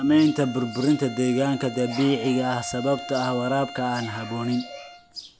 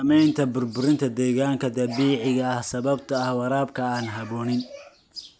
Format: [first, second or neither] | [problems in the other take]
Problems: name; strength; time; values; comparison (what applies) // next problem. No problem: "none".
second | background sound (Bowed string instrument); 15 dB below the speech